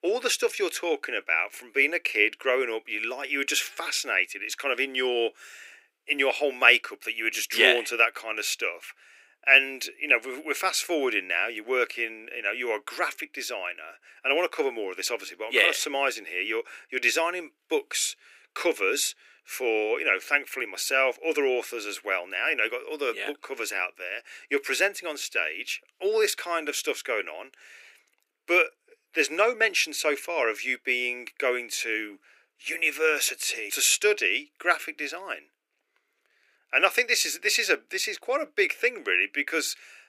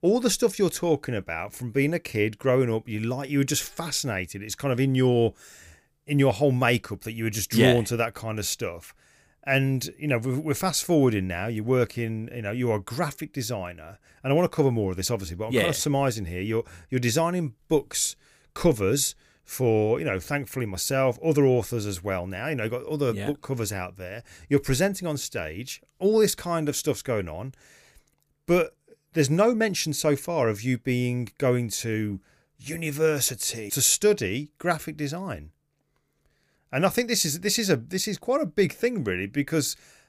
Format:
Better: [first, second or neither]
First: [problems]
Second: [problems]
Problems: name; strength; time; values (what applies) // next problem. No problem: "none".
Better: second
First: thin; very; fading below 350 Hz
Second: none